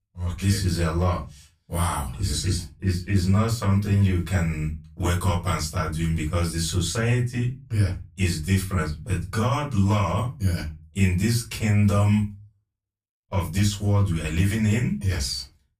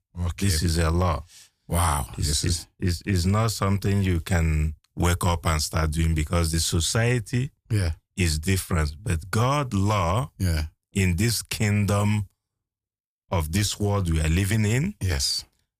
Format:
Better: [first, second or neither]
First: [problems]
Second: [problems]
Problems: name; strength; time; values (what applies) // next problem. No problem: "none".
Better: second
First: off-mic speech; far // room echo; very slight; dies away in 0.2 s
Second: none